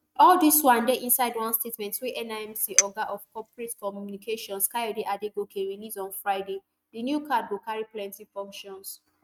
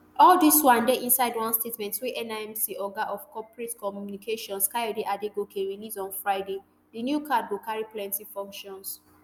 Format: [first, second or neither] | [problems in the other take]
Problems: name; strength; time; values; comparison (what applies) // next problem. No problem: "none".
second | noise reduction (neural mask model RNNoise)